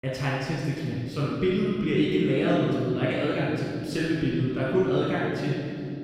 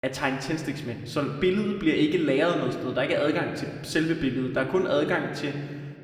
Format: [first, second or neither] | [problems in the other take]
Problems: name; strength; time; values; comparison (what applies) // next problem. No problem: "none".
second | room echo; strong; dies away in 3 s; slight in the second // off-mic speech; far